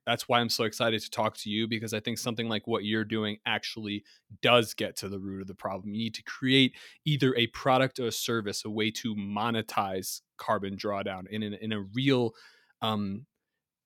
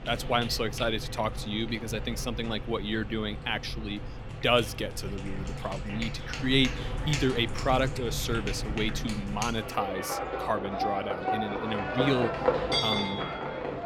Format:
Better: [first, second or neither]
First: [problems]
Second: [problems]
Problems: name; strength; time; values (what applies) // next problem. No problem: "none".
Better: first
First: none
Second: animal sounds; loud; throughout; 3 dB below the speech